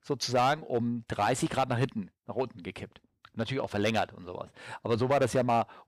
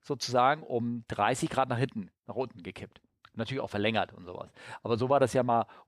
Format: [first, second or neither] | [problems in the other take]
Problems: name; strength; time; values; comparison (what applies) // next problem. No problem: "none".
second | distortion; slight; 3% of the sound clipped